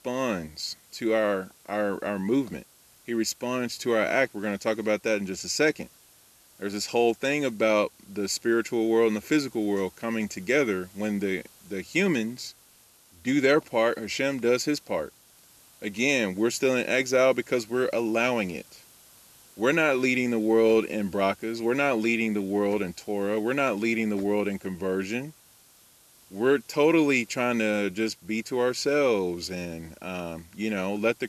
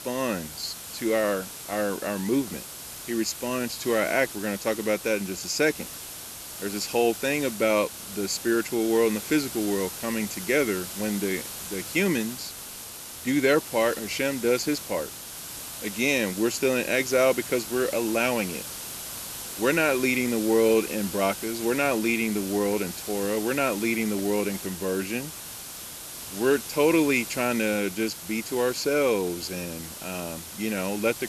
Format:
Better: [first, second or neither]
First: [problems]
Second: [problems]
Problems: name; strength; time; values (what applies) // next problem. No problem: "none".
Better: first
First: hiss; faint; throughout; 25 dB below the speech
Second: hiss; loud; throughout; 9 dB below the speech